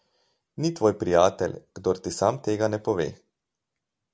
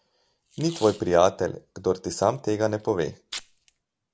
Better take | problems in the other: first | background sound (Packing tape, duct tape); 20 dB below the speech

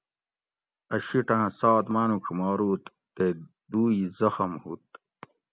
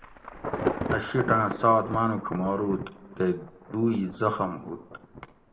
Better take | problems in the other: first | background sound (Thunder / Traffic noise, roadway noise / Rain / Insect); 8 dB below the speech // room echo; dies away in 0.4 s

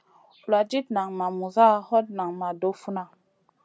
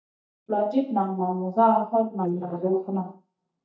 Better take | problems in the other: first | noise reduction (neural mask model DeepFilterNet 3)

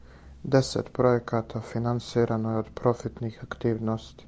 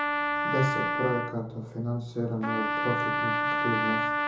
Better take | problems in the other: first | background sound (Trumpet); 3 dB above the speech // room echo; dies away in 0.6 s

